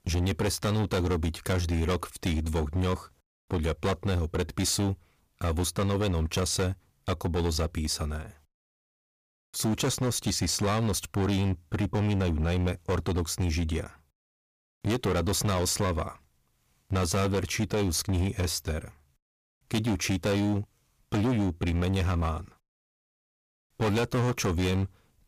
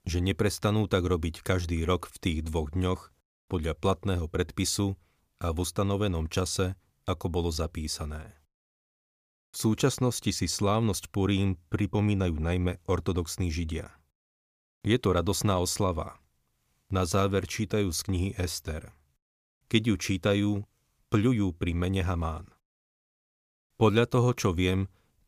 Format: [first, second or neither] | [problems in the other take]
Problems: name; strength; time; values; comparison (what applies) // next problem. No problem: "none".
second | distortion; heavy; 16% of the sound clipped